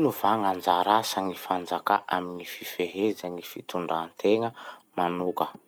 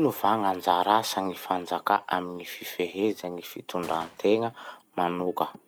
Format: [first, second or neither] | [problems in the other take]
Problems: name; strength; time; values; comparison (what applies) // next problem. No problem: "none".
first | background sound (Gunshot, gunfire); 19 dB below the speech